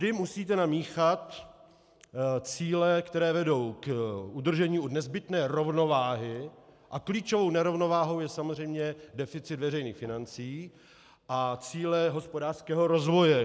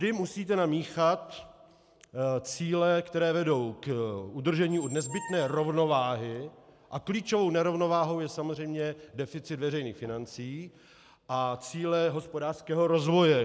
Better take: first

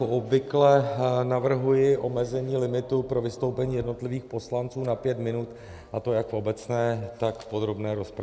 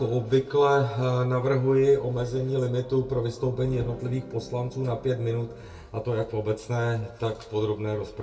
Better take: first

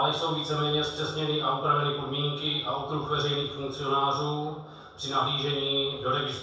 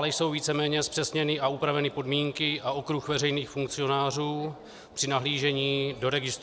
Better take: second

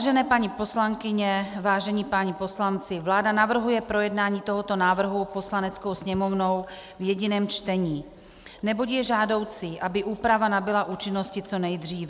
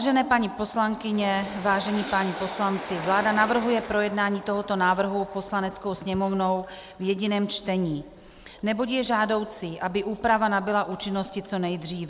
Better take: first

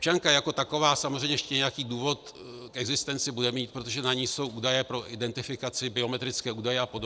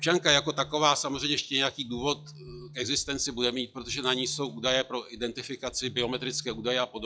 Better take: first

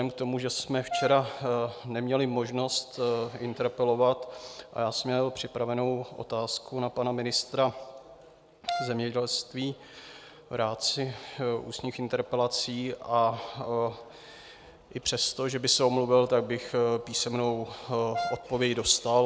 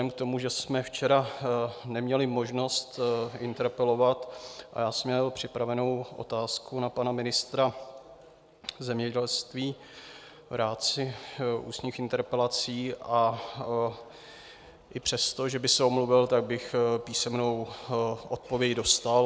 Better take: second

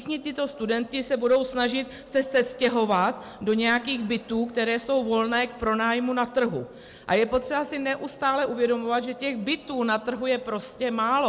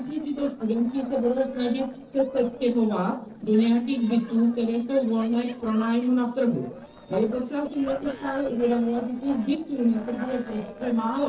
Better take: first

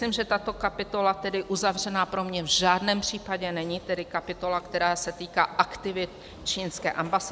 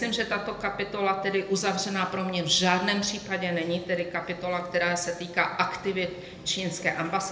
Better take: first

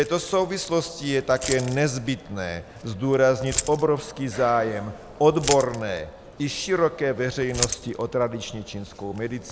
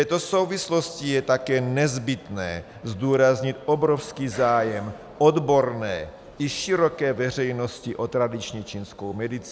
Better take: second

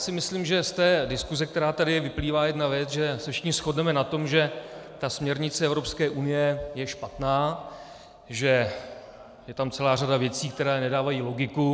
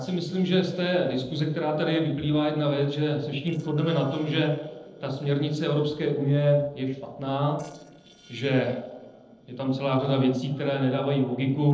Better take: first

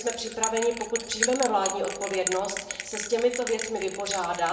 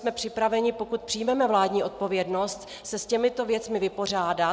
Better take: second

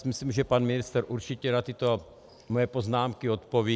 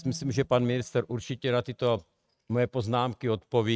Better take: first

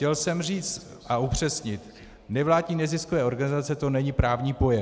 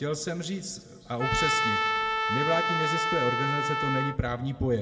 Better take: first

